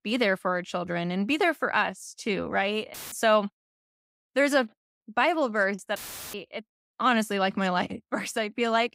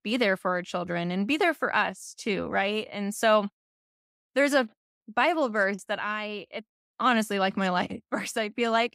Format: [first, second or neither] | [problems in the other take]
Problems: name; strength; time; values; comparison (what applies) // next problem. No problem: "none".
second | audio cutting out; filled with static; at 3 s and at 6 s